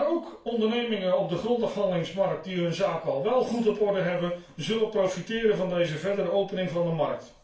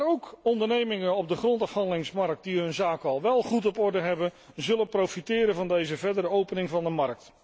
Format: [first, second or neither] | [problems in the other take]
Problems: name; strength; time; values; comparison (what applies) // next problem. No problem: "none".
second | room echo; dies away in 0.4 s